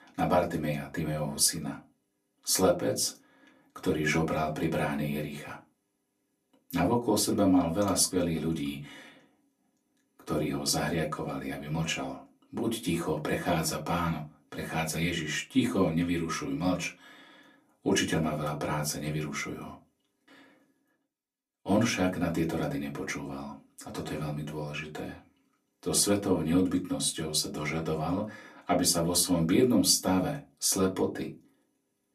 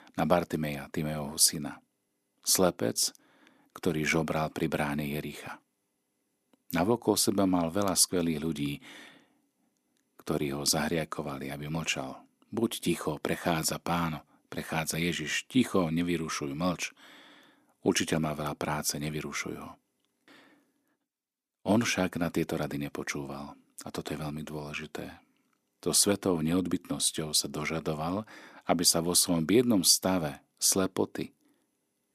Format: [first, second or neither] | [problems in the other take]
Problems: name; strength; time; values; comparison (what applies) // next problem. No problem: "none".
second | off-mic speech; far // room echo; very slight; dies away in 0.2 s